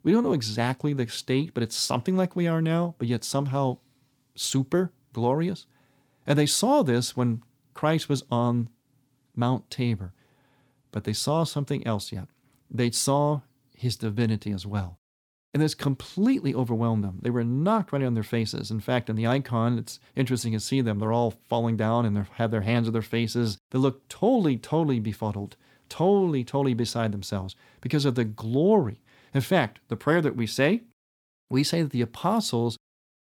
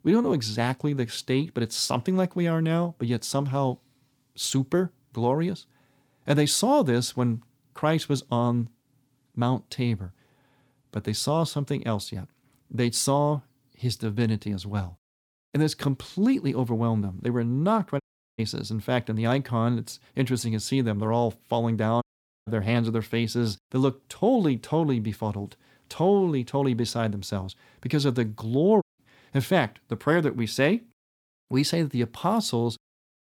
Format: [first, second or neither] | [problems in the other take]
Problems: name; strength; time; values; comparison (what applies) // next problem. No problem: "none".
first | audio cutting out; at 18 s, at 22 s and at 29 s